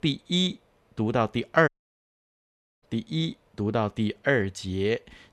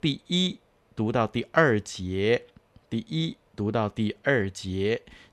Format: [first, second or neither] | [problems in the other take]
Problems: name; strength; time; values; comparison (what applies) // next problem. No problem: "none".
second | audio cutting out; at 1.5 s for 1 s